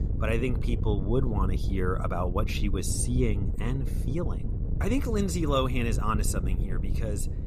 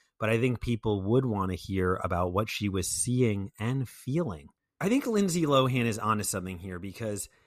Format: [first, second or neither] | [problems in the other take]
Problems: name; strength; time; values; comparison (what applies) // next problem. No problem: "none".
second | wind noise on the microphone; occasional gusts; 10 dB below the speech